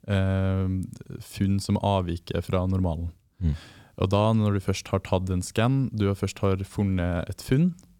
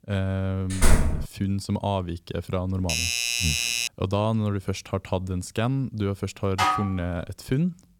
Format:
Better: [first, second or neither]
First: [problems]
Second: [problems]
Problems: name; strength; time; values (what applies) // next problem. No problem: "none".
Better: first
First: none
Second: door banging; loud; at 1 s; peak 6 dB above the speech // doorbell; loud; from 3 to 4 s; peak 5 dB above the speech // clattering dishes; loud; at 6.5 s; peak 4 dB above the speech